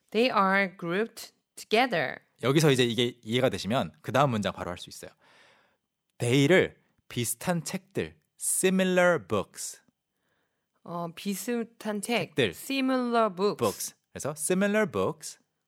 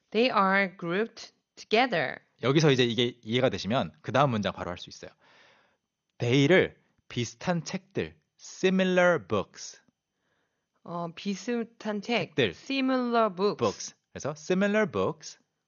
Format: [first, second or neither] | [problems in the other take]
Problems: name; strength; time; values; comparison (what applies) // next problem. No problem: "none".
first | garbled, watery; slightly; nothing above 6.5 kHz